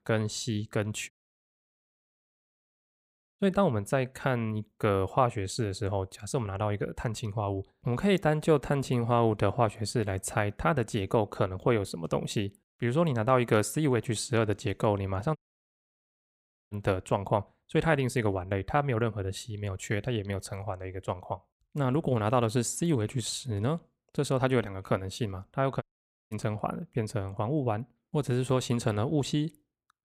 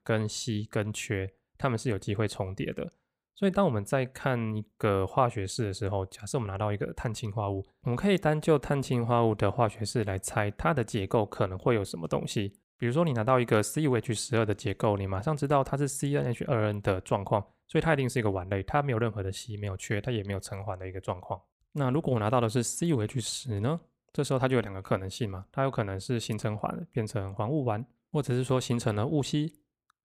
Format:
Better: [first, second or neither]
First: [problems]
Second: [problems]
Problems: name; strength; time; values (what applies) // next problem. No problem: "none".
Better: second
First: audio cutting out; at 1 s for 2.5 s, at 15 s for 1.5 s and at 26 s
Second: none